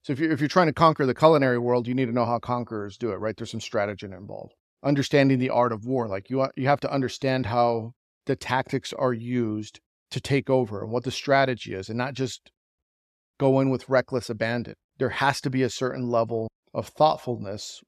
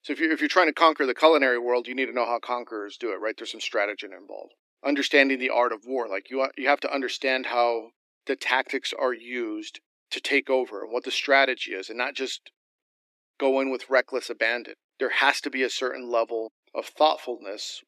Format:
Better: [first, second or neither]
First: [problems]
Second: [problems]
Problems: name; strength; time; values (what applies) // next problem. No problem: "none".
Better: first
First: none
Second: thin; somewhat; fading below 300 Hz